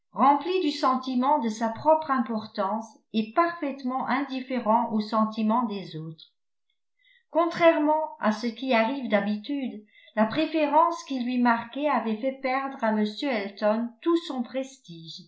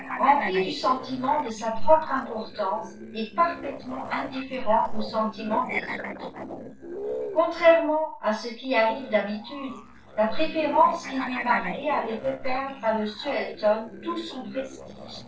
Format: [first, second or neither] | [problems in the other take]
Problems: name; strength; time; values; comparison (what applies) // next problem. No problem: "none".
first | noise reduction (neural separator model SepFormer DNS4)